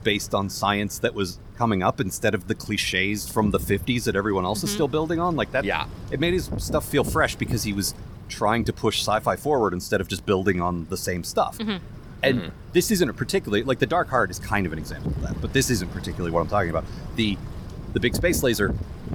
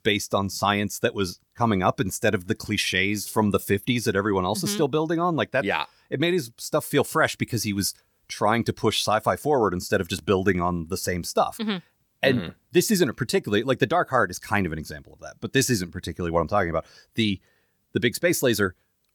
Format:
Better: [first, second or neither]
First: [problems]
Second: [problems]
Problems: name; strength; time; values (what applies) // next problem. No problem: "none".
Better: second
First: wind noise on the microphone; occasional gusts; 20 dB below the speech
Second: none